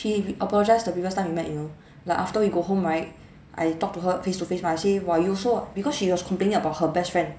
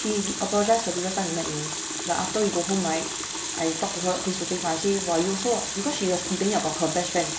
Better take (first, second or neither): first